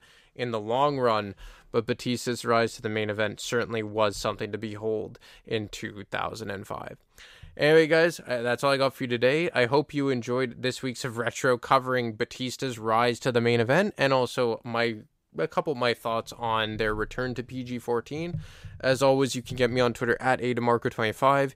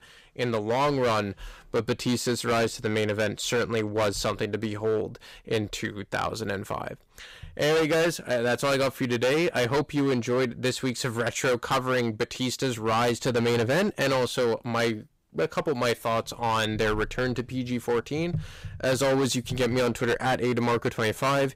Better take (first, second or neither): first